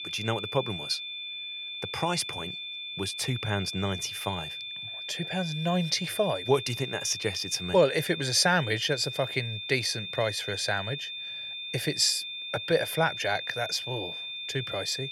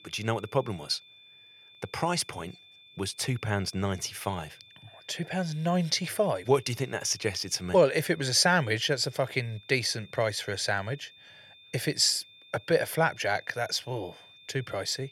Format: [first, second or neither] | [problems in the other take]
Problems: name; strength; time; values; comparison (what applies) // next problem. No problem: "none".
second | high-pitched whine; loud; throughout; 3.5 kHz, 6 dB below the speech; faint in the second